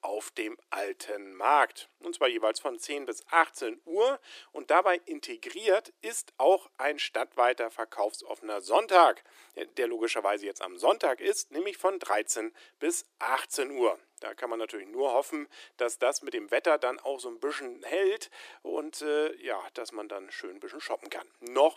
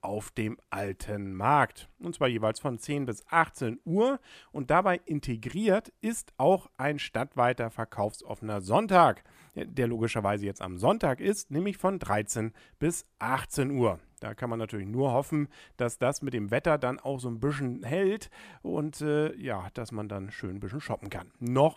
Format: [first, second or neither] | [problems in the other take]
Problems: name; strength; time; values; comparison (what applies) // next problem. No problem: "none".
second | thin; very; fading below 350 Hz